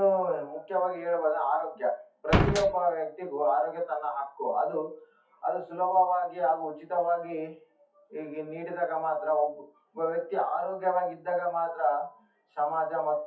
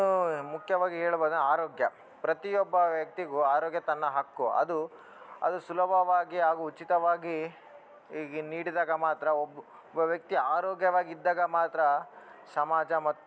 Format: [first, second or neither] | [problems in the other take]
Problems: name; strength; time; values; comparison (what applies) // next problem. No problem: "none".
second | noise reduction (classical method WPE with log-MMSE)